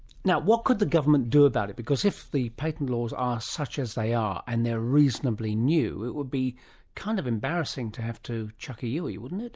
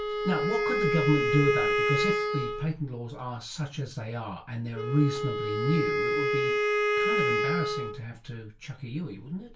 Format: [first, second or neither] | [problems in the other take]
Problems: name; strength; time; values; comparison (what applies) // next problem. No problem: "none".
first | background sound (Wind instrument, woodwind instrument); 2 dB above the speech // room echo; dies away in 0.2 s